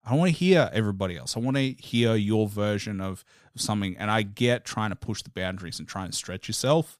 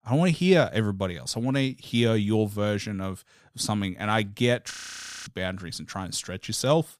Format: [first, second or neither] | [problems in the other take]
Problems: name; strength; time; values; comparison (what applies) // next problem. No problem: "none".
first | audio freezing; at 4.5 s for 0.5 s